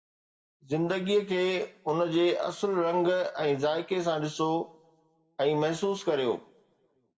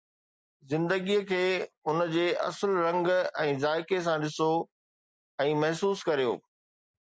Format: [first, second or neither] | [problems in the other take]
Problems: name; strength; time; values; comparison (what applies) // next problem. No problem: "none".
second | room echo; dies away in 0.6 s